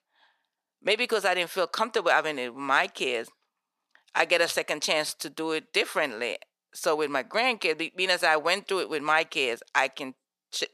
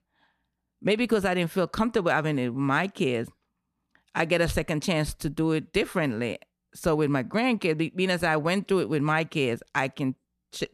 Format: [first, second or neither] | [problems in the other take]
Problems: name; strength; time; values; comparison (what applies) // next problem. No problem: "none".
second | thin; very; fading below 600 Hz